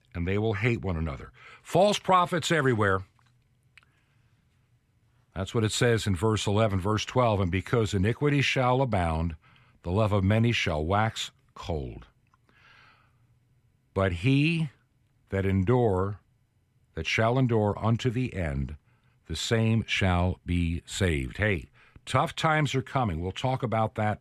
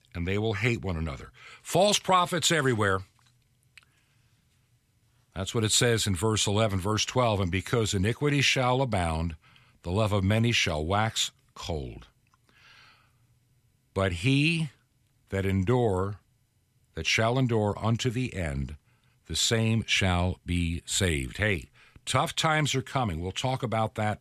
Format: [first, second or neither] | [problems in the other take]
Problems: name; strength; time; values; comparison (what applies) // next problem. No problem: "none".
second | muffled; slightly; fading above 3 kHz